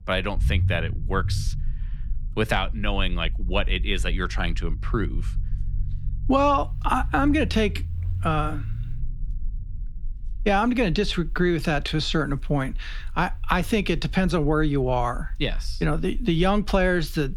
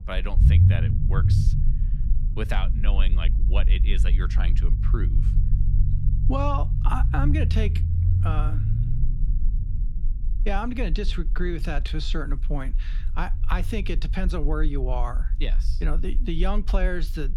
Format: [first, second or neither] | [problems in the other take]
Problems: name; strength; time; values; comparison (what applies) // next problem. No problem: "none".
first | low rumble; loud; throughout; 8 dB below the speech; faint in the first